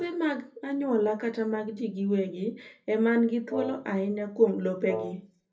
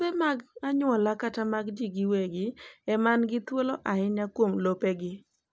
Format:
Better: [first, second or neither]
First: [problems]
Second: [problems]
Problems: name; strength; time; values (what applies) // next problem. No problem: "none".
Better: second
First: background sound (Wind instrument, woodwind instrument); 8 dB below the speech // room echo; dies away in 0.3 s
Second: none